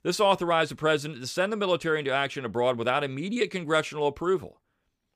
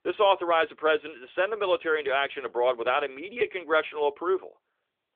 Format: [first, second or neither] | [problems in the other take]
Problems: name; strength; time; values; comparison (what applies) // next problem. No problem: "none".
first | phone-call audio; nothing above 3.5 kHz